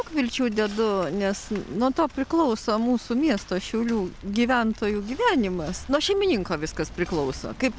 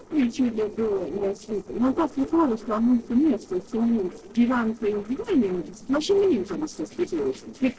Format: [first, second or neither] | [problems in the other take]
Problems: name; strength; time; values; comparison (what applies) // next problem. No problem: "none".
first | noise reduction (neural separator model SepFormer DNS4)